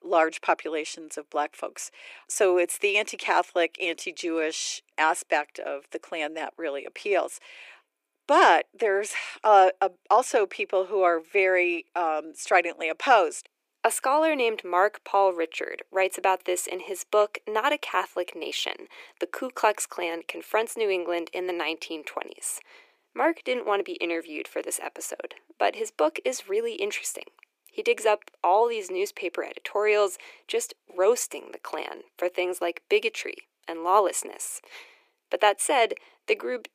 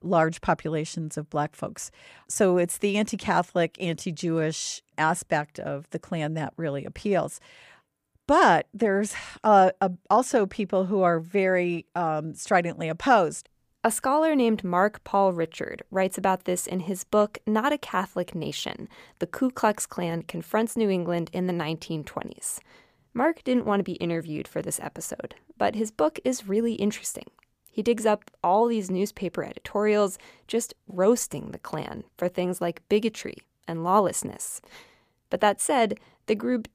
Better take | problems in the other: second | thin; very; fading below 350 Hz

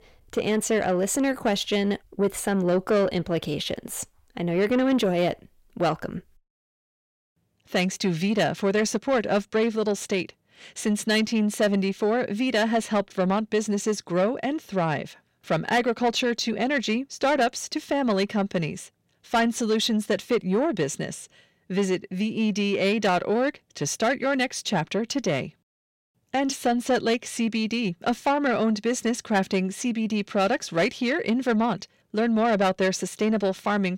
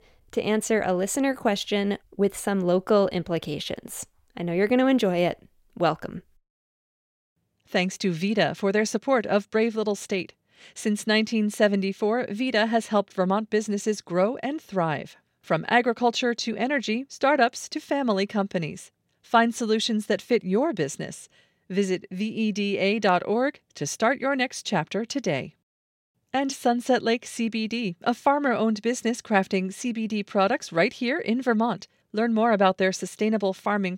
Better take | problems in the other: second | distortion; slight; 10 dB below the speech

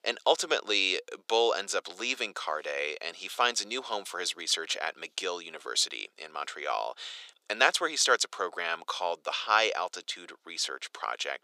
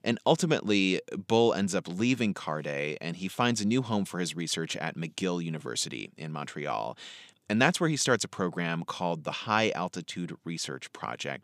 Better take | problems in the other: second | thin; very; fading below 450 Hz

